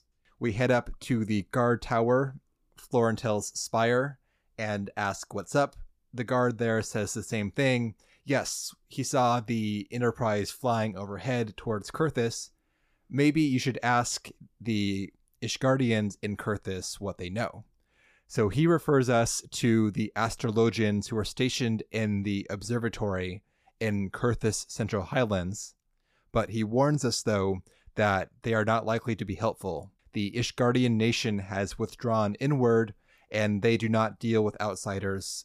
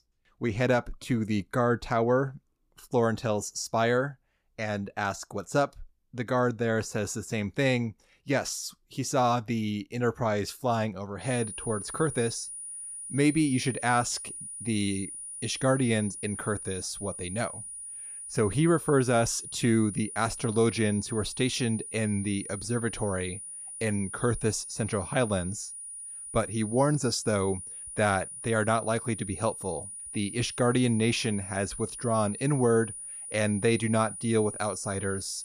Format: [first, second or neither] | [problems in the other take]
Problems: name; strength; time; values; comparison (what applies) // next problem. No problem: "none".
first | high-pitched whine; loud; from 11 s on; 9.5 kHz, 9 dB below the speech